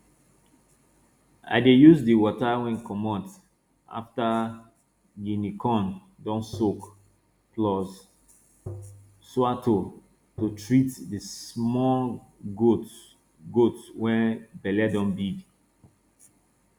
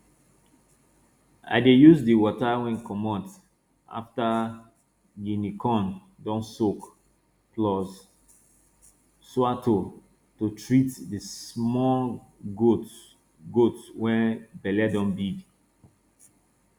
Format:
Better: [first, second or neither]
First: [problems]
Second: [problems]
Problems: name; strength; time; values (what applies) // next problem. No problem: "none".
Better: second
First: background sound (Tap); 16 dB below the speech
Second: none